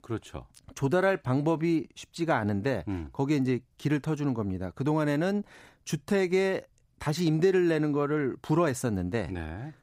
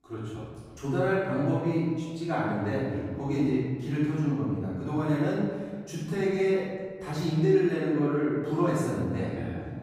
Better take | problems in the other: first | off-mic speech; far // room echo; strong; dies away in 1.6 s

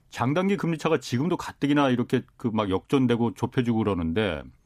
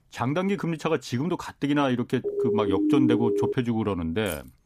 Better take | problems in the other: first | siren; loud; from 2 to 3.5 s; peak 4 dB above the speech // jangling keys; faint; at 4.5 s; peak 15 dB below the speech

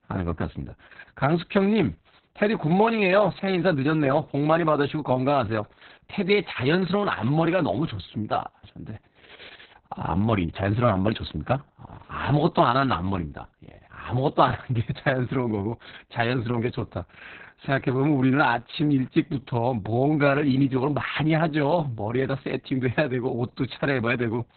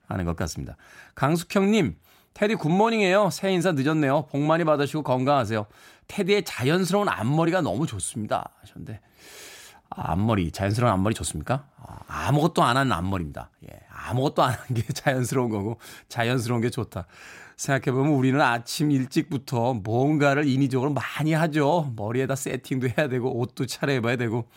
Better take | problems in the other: second | garbled, watery; badly; nothing above 4 kHz

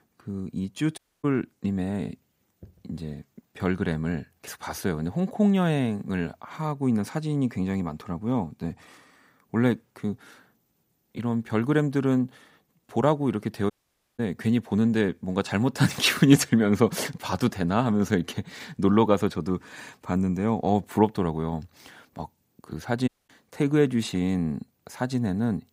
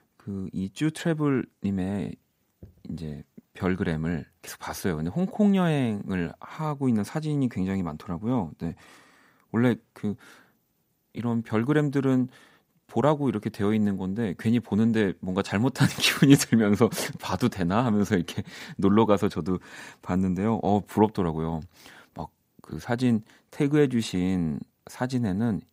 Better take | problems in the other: second | audio cutting out; at 1 s, at 14 s and at 23 s

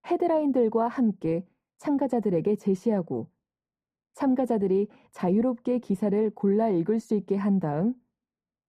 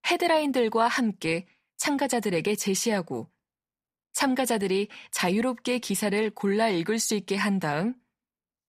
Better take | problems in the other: second | muffled; very; fading above 1.5 kHz

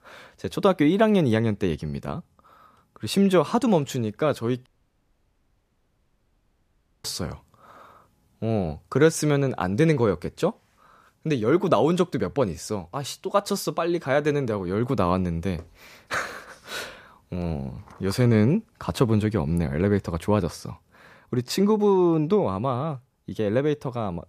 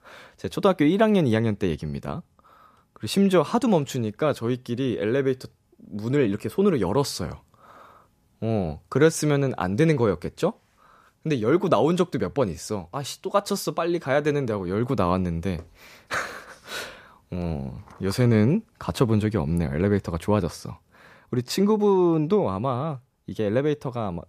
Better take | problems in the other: second | audio cutting out; at 4.5 s for 2.5 s

